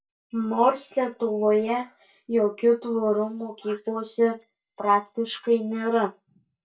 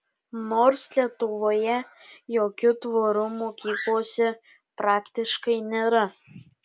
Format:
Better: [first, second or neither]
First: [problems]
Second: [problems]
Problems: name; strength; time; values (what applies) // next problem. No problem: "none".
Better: second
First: noise reduction (neural mask model DeepFilterNet 3)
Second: none